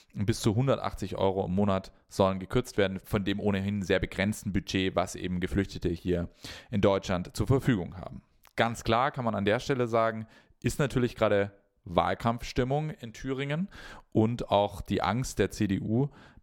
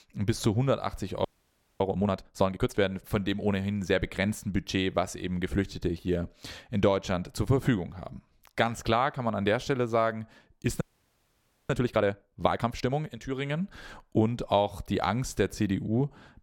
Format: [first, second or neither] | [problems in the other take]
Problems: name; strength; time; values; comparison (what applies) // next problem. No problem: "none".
first | audio freezing; at 1.5 s for 0.5 s and at 11 s for 1 s